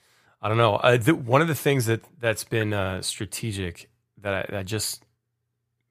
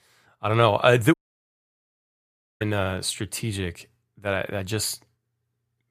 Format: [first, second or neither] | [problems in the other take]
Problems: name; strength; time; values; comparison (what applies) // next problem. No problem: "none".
first | audio cutting out; at 1 s for 1.5 s